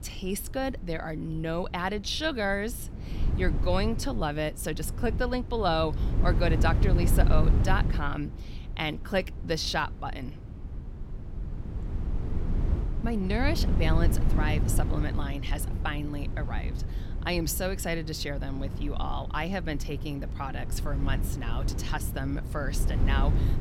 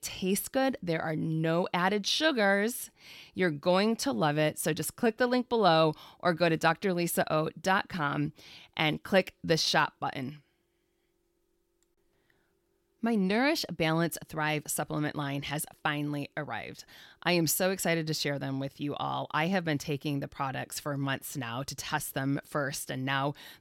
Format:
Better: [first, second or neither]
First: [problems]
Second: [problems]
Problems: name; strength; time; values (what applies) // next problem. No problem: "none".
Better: second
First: wind noise on the microphone; occasional gusts; 10 dB below the speech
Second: none